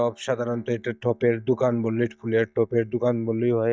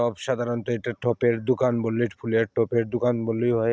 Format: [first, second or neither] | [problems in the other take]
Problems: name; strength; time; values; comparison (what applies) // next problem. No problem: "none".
second | noise reduction (neural mask model DeepFilterNet 3)